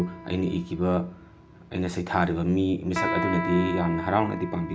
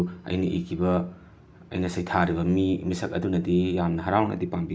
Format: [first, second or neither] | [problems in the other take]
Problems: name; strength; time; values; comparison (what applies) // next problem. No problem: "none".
second | background sound (Electric guitar); 8 dB below the speech